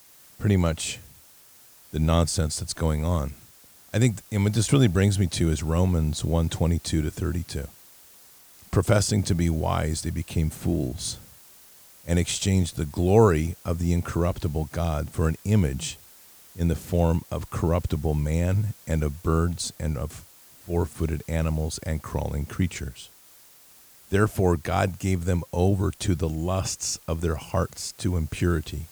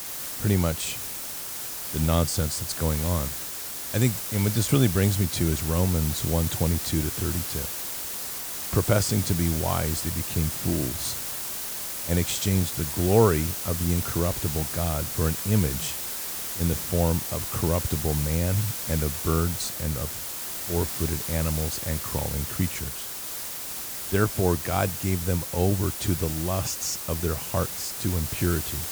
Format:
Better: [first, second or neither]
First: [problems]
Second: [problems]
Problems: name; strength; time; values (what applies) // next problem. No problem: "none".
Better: first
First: hiss; faint; throughout; 20 dB below the speech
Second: hiss; loud; throughout; 2 dB below the speech